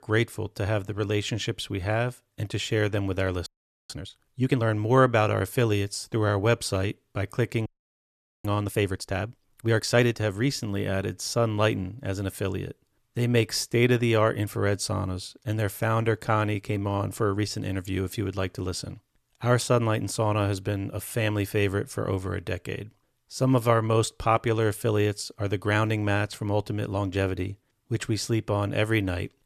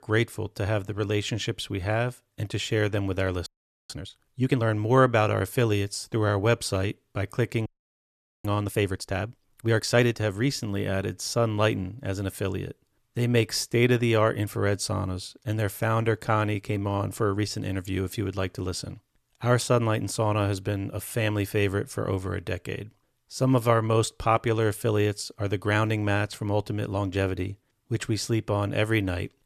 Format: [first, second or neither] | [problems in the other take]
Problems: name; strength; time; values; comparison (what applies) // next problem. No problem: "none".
neither | audio freezing; at 3.5 s and at 7.5 s for 1 s; the same in both